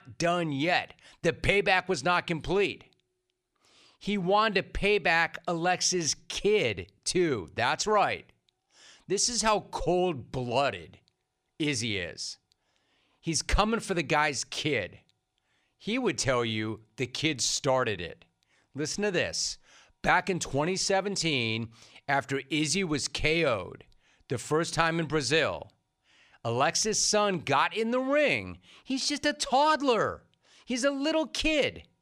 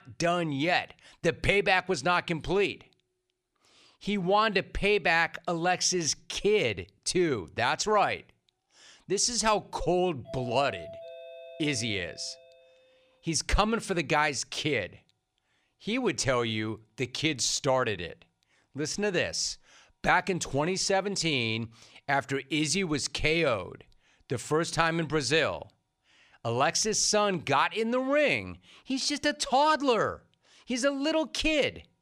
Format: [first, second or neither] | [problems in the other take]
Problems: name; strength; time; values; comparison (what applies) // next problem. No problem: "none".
first | doorbell; faint; from 10 to 13 s; peak 15 dB below the speech